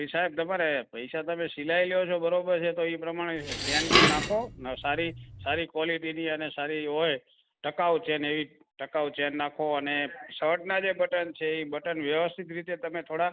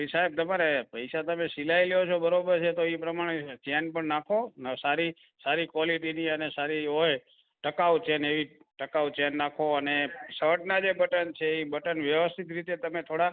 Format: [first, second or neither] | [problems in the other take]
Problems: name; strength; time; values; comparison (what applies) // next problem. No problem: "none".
second | background sound (Dishes, pots, and pans); 2 dB above the speech